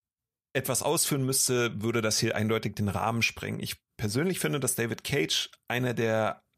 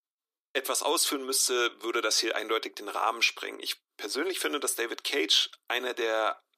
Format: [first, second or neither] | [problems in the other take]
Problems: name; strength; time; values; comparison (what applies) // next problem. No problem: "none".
first | thin; very; fading below 300 Hz